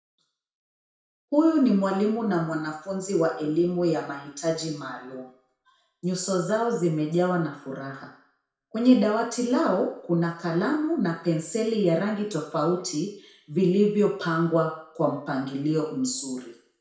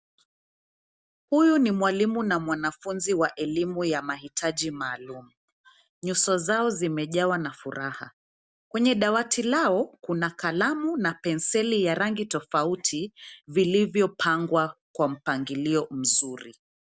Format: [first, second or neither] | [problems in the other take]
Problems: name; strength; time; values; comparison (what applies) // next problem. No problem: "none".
second | room echo; dies away in 0.6 s